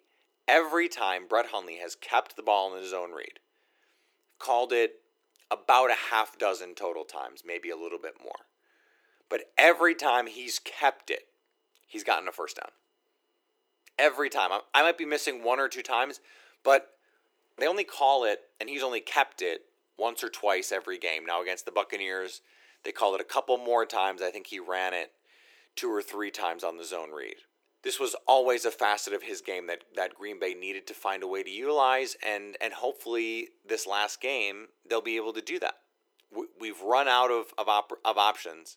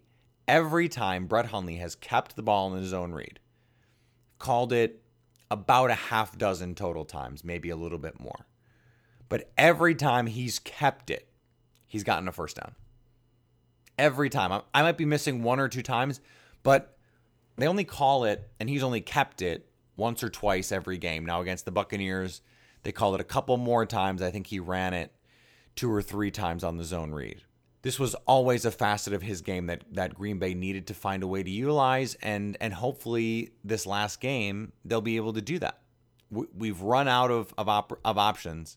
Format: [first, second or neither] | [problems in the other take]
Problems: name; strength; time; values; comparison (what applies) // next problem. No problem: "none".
second | thin; very; fading below 350 Hz